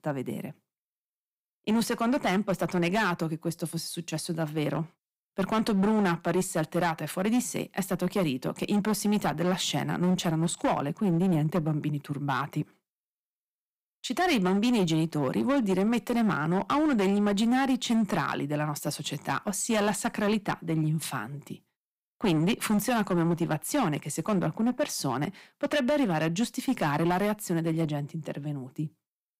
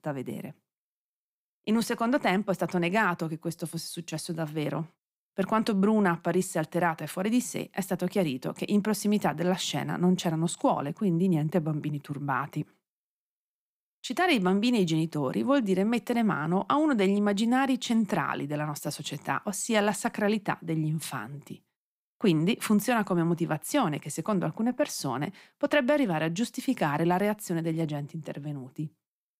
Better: second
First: distortion; slight; 9% of the sound clipped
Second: none

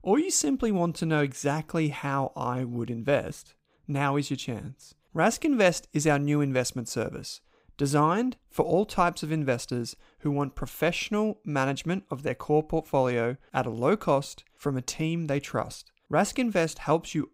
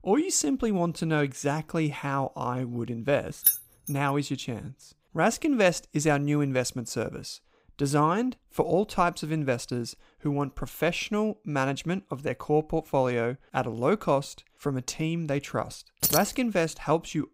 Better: first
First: none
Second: jangling keys; loud; at 3.5 s and at 16 s; peak 5 dB above the speech

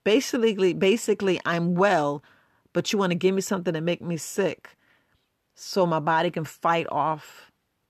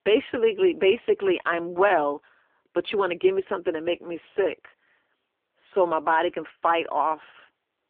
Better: first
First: none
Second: phone-call audio; poor line

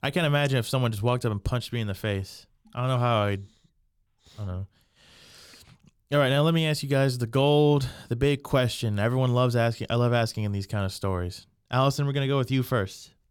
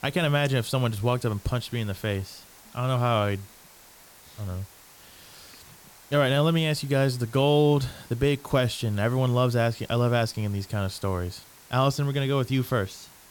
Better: first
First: none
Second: hiss; faint; throughout; 25 dB below the speech

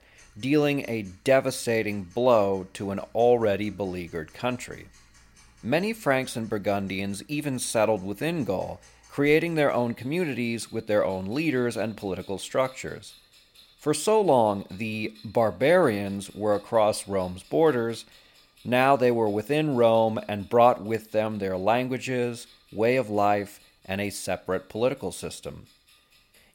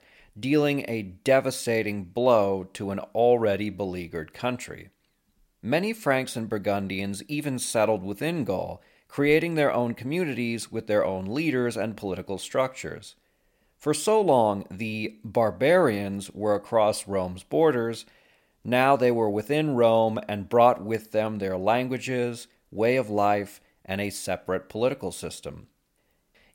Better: second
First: household noises; faint; throughout; 30 dB below the speech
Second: none

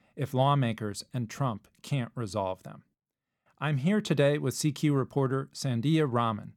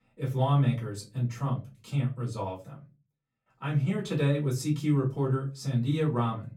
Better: first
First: none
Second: off-mic speech; far // room echo; very slight; dies away in 0.3 s

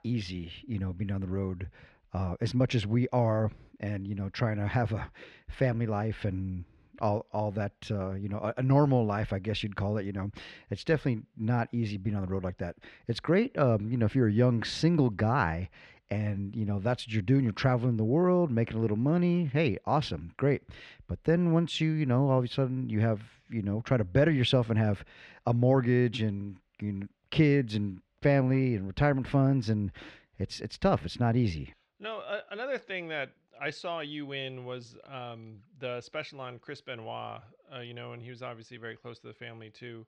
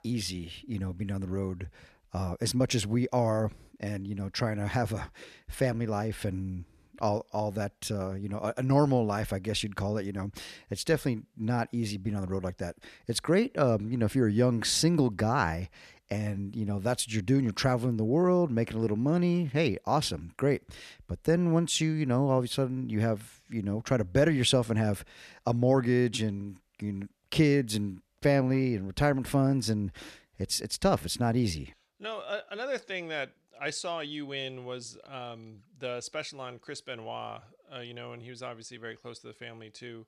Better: second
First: muffled; slightly; fading above 3 kHz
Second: none

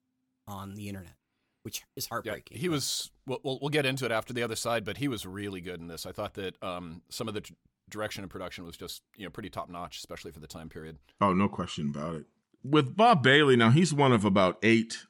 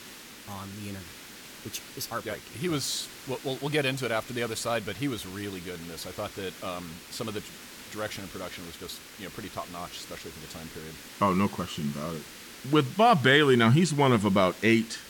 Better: first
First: none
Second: hiss; noticeable; throughout; 15 dB below the speech

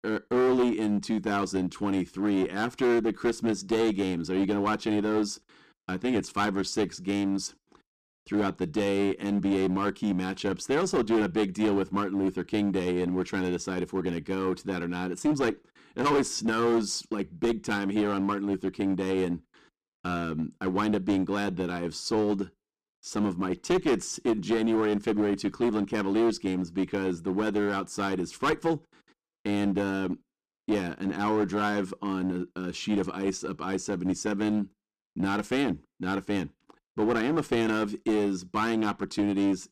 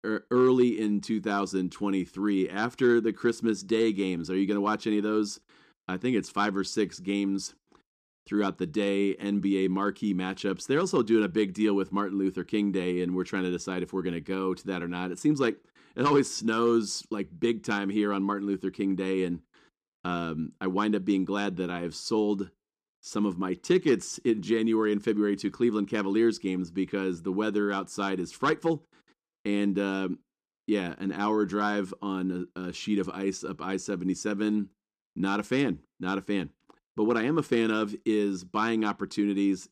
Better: second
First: distortion; slight; 9% of the sound clipped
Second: none

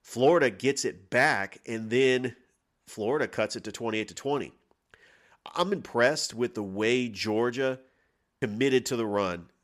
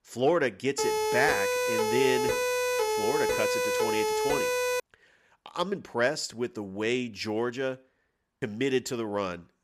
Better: first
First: none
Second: siren; loud; from 1 to 5 s; peak 3 dB above the speech

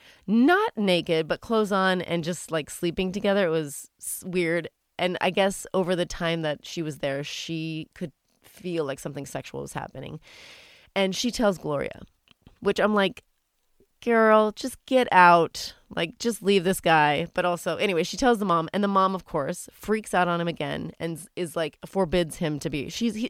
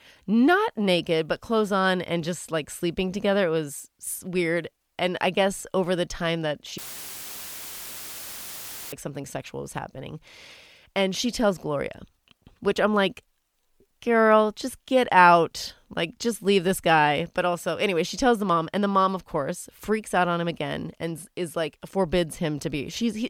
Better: first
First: none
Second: audio cutting out; filled with static; at 7 s for 2 s

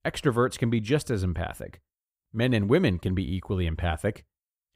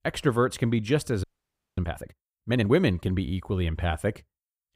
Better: first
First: none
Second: audio freezing; at 1 s for 0.5 s

